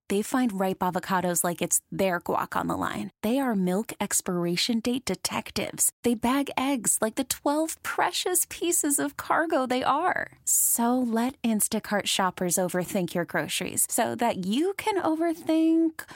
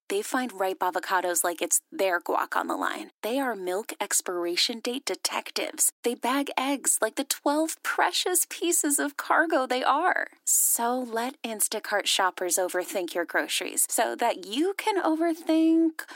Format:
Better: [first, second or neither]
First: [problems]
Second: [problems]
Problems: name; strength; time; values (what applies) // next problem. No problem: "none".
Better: first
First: none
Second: thin; somewhat; fading below 300 Hz